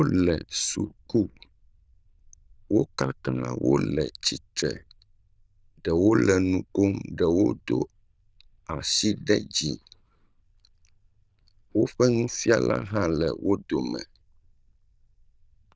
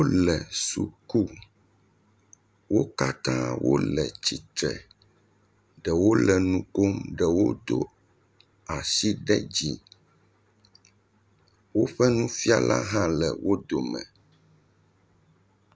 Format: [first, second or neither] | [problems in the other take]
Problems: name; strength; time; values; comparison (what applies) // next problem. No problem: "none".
second | noise reduction (neural diffusion model UNIVERSE++)